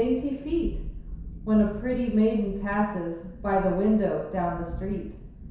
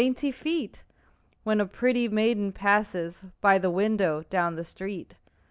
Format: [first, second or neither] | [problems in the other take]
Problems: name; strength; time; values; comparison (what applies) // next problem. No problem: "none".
second | background sound (Thunderstorm); 11 dB below the speech // room echo; dies away in 0.7 s